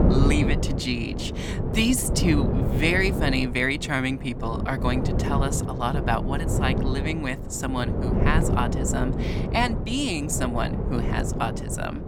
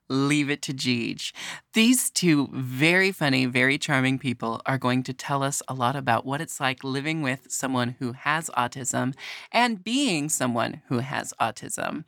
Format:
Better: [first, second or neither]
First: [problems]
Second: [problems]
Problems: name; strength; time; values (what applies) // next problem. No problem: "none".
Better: second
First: wind noise on the microphone; heavy; 6 dB below the speech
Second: none